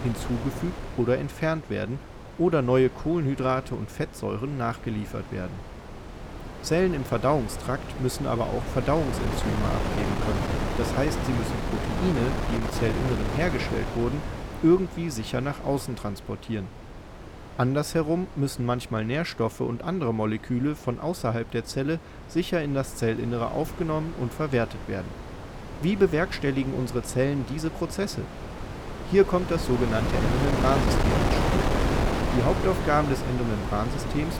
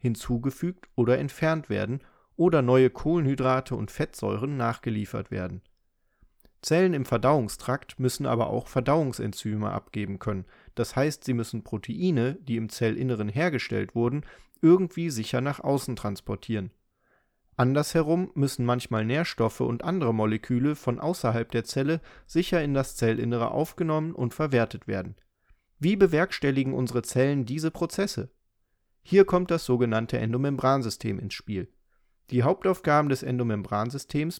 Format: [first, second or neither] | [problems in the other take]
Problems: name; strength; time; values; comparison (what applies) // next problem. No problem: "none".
second | wind noise on the microphone; heavy; 4 dB below the speech